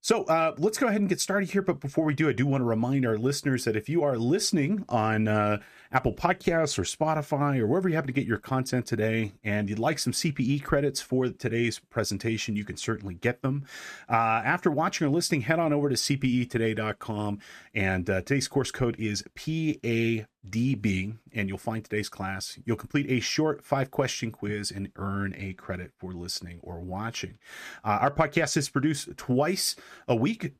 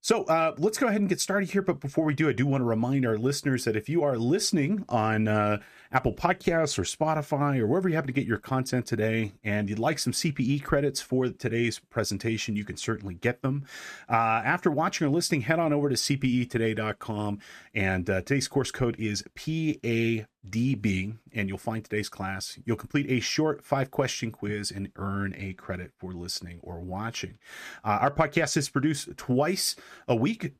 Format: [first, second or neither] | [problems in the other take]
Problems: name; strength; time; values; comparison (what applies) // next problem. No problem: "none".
neither | none